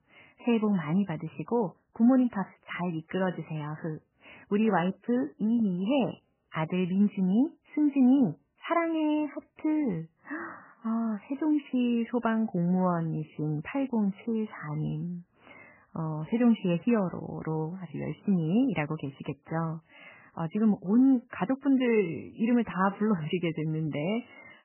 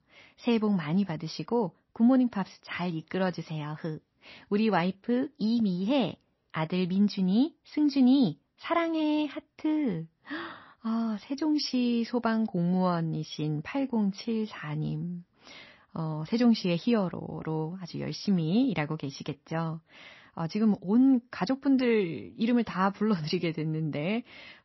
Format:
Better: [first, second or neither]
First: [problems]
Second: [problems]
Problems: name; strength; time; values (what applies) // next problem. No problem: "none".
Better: second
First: garbled, watery; badly; nothing above 3 kHz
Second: garbled, watery; slightly; nothing above 5.5 kHz